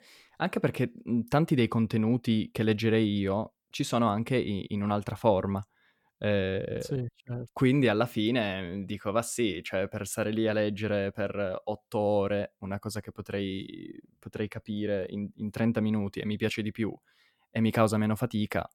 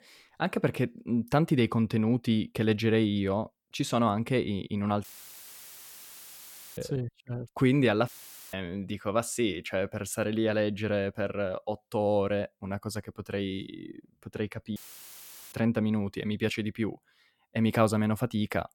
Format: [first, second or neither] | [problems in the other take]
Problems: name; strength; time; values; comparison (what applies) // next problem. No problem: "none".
first | audio cutting out; filled with static; at 5 s for 1.5 s, at 8 s and at 15 s for 1 s